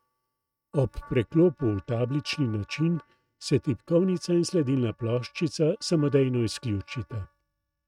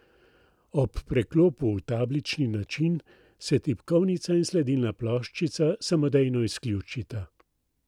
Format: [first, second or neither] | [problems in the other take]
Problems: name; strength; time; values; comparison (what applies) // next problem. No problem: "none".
second | noise reduction (neural mask model RNNoise)